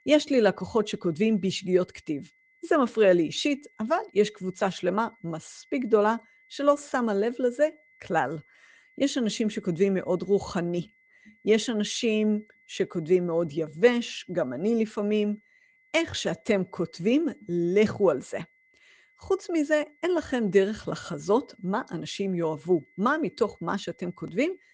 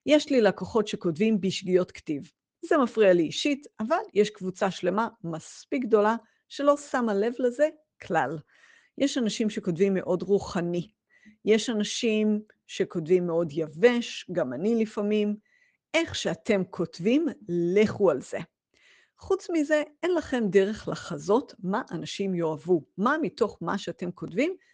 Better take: second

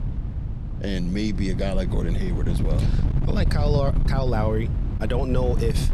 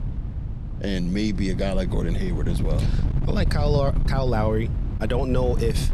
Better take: second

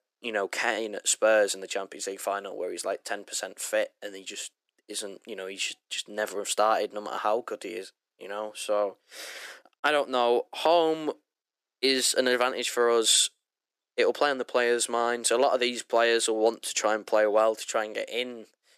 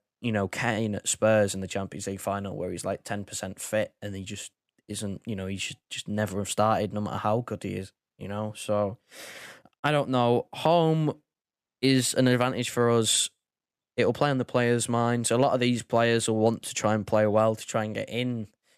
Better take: second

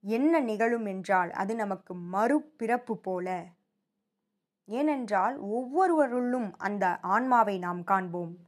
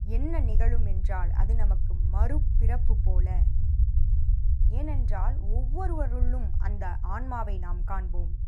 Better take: first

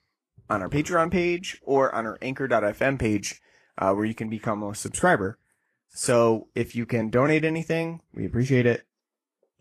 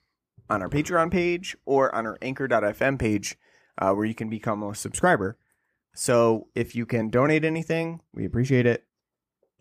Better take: second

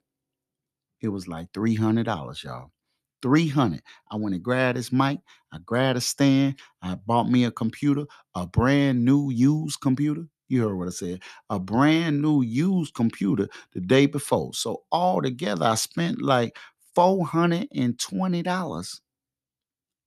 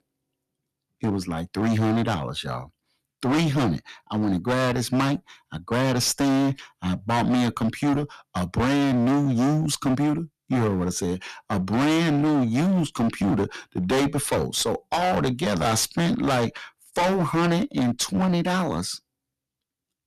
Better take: first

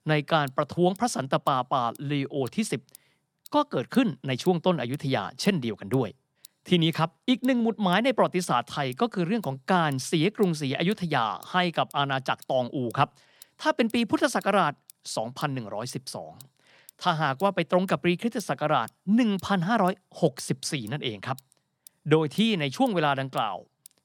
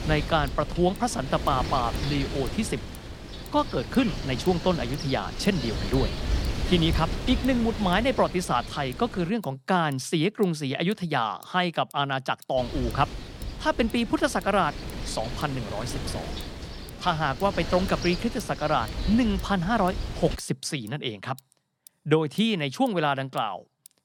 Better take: first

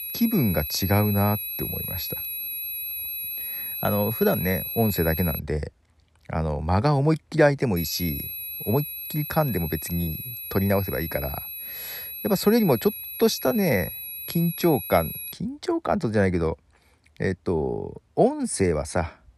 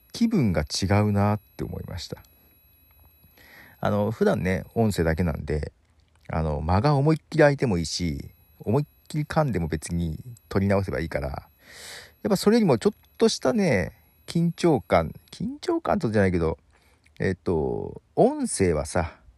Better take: second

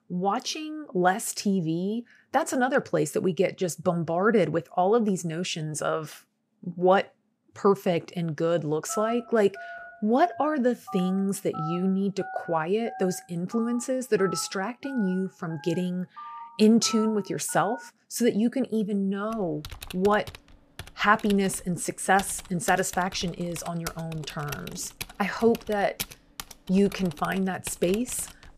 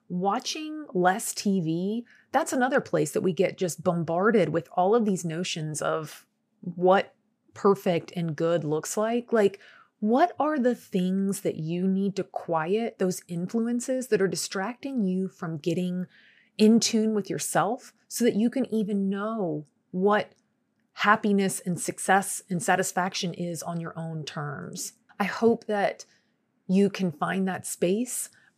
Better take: second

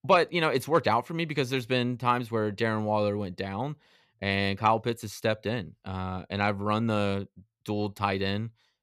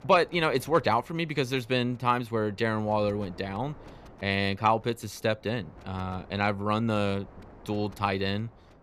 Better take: first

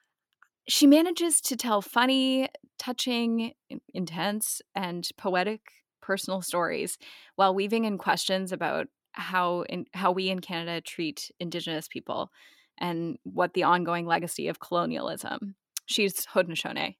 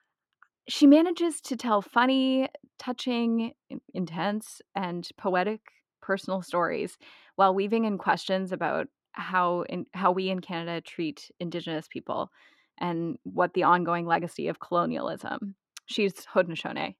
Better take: first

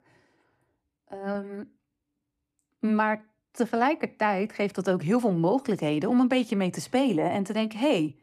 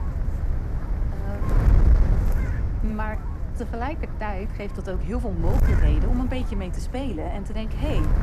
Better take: first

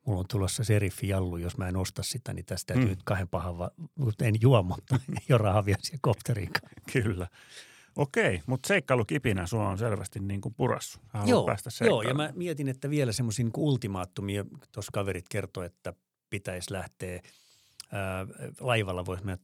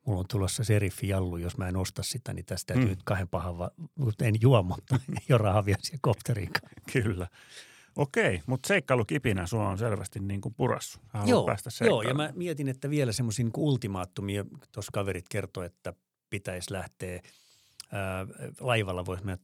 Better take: neither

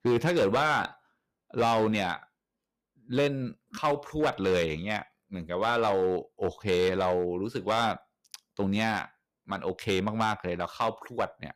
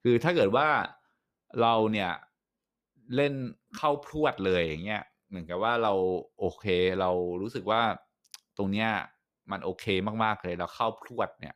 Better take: second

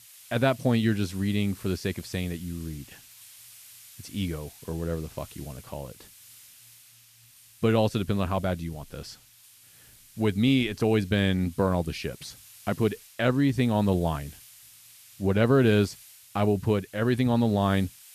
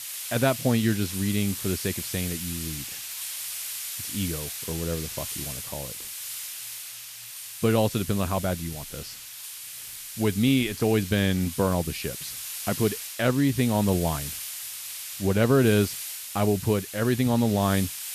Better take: first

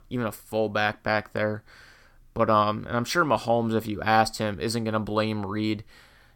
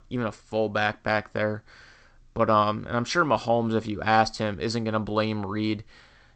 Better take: first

